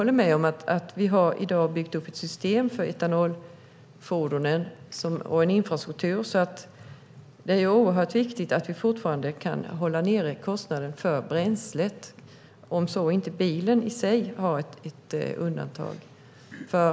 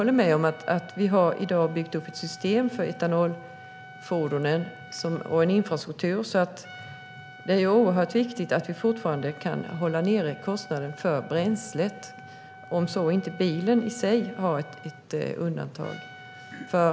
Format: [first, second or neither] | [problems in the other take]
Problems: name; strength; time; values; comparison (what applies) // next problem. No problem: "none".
first | background sound (Trumpet); 20 dB below the speech